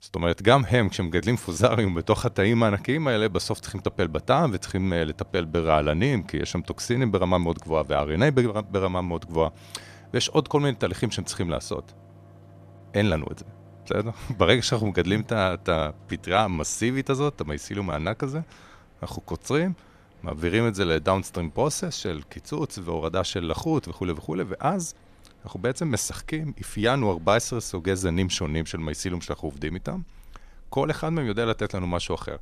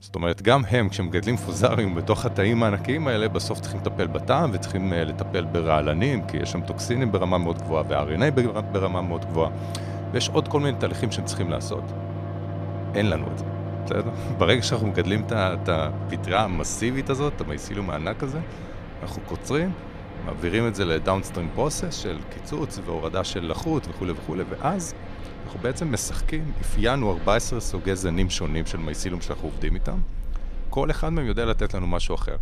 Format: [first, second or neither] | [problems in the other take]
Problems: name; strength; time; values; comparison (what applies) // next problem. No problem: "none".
first | machinery noise; loud; throughout; 8 dB below the speech; faint in the first